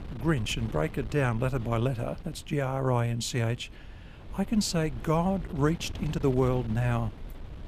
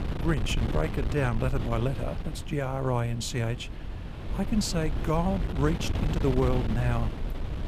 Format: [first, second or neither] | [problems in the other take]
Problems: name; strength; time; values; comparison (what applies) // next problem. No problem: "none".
first | wind noise on the microphone; heavy; 8 dB below the speech; occasional gusts in the first